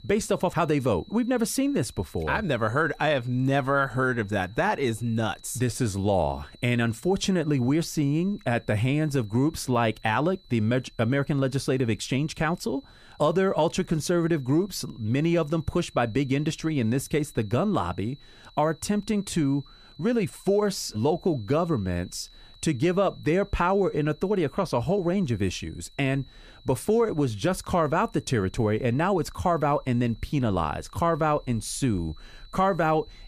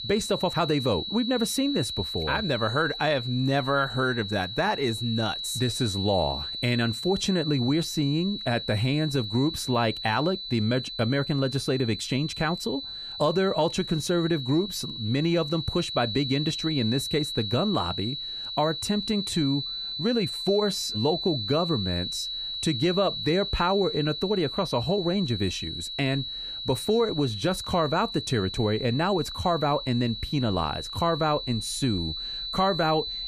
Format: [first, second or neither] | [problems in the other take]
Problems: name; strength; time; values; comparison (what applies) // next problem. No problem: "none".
first | high-pitched whine; loud; throughout; 4 kHz, 5 dB below the speech; faint in the first